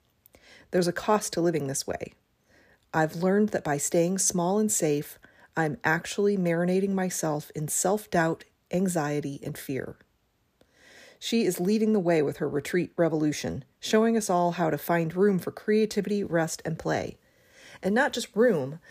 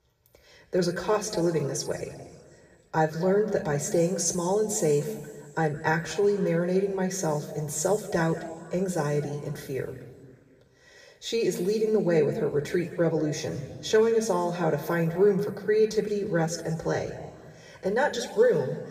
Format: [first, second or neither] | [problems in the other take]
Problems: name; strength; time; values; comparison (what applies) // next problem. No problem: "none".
first | room echo; slight; dies away in 1.6 s // off-mic speech; somewhat distant